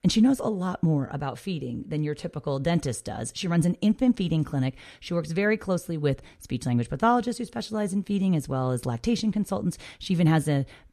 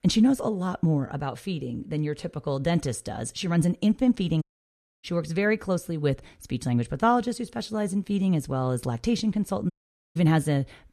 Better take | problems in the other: first | audio cutting out; at 4.5 s for 0.5 s and at 9.5 s

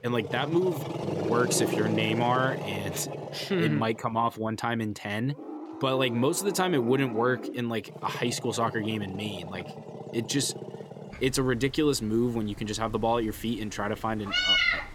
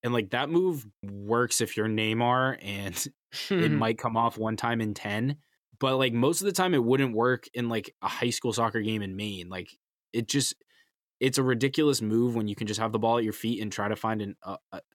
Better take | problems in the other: second | animal sounds; loud; throughout; 4 dB below the speech

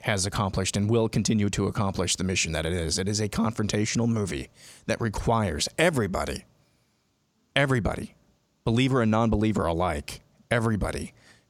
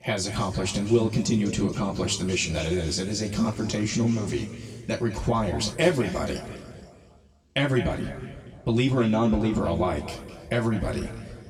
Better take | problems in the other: first | room echo; noticeable; dies away in 2.1 s // off-mic speech; far

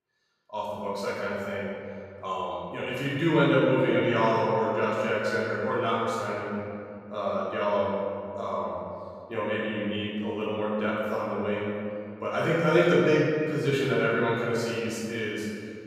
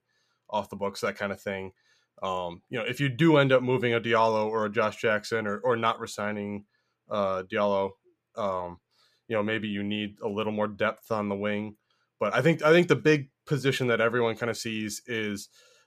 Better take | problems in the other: second | off-mic speech; far // room echo; strong; dies away in 2.2 s

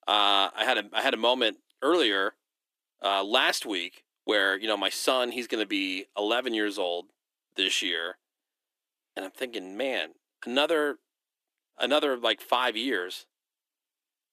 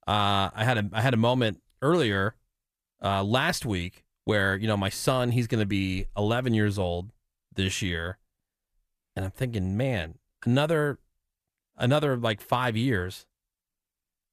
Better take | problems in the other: second | thin; somewhat; fading below 300 Hz

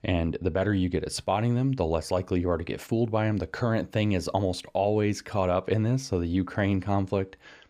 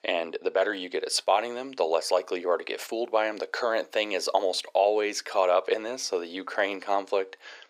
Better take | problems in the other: first | thin; very; fading below 450 Hz

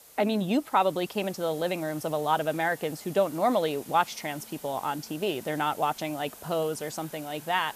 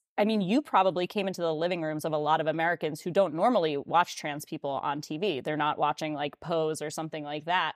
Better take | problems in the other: second | hiss; noticeable; throughout; 15 dB below the speech

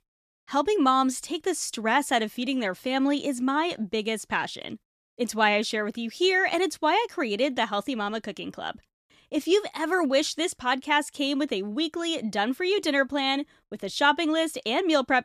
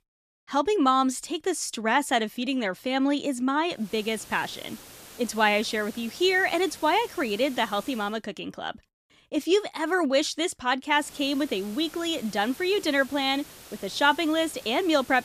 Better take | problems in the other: first | hiss; noticeable; from 4 to 8 s and from 11 s on; 20 dB below the speech

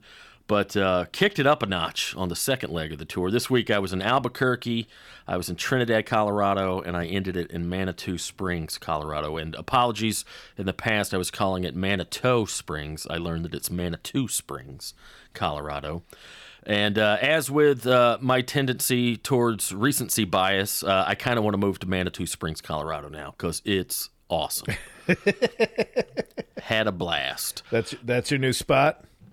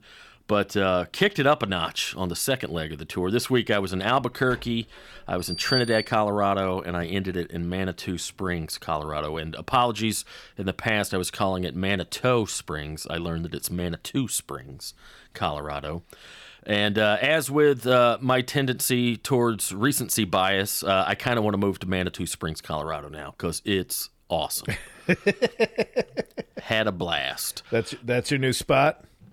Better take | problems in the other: first | door banging; noticeable; from 4.5 to 6 s; peak 1 dB below the speech

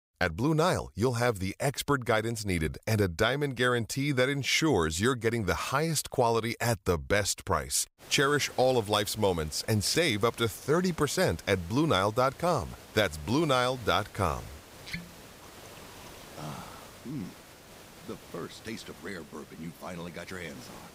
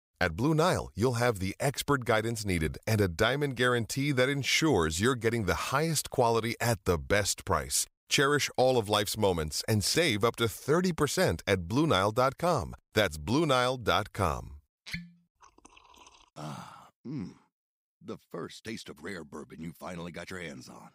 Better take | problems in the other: second | hiss; faint; from 8 s on; 20 dB below the speech

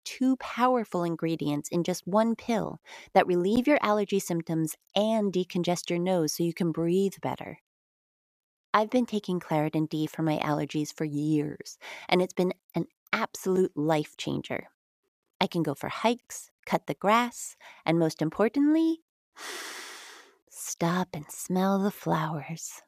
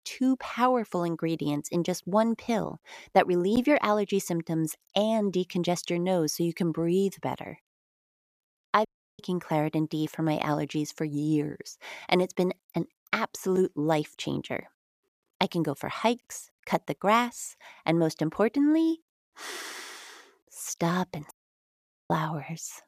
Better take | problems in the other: first | audio cutting out; at 9 s and at 21 s for 1 s

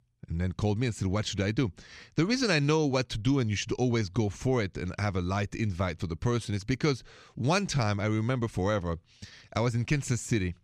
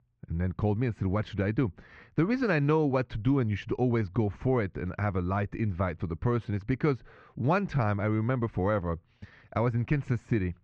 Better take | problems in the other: first | muffled; very; fading above 1.5 kHz

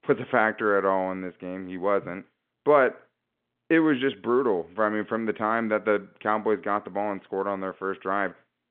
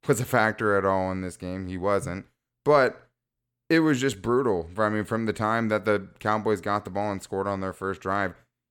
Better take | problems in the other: second | phone-call audio

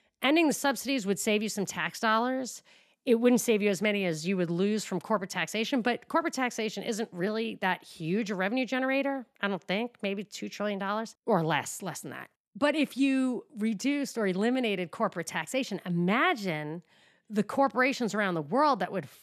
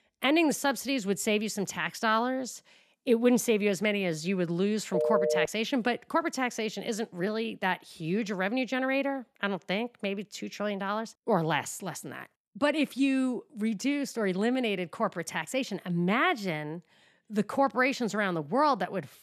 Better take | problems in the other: first | phone ringing; loud; at 5 s; peak 2 dB above the speech

